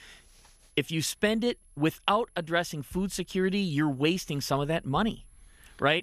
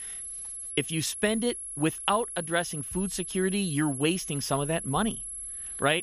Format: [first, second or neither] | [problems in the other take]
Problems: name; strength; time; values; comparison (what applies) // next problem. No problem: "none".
first | high-pitched whine; loud; throughout; 11 kHz, 6 dB below the speech; faint in the first